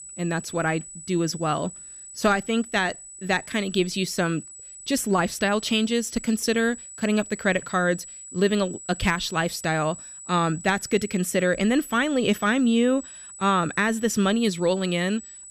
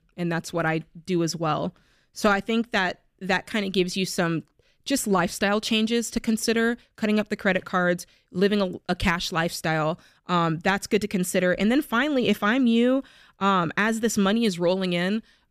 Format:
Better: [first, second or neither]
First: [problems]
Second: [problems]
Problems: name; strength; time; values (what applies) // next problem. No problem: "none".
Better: second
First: high-pitched whine; noticeable; throughout; 8 kHz, 15 dB below the speech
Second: none